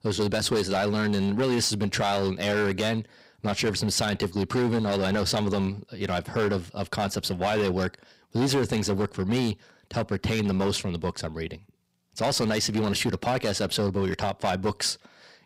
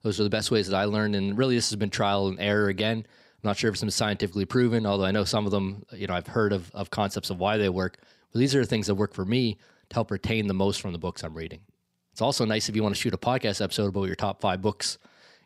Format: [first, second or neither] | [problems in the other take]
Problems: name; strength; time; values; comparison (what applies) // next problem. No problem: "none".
second | distortion; heavy; 11% of the sound clipped